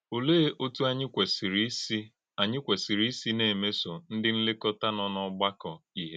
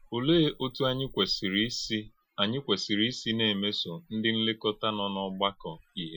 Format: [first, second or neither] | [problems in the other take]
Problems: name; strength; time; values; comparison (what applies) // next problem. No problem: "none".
first | noise reduction (classical method Wiener filter)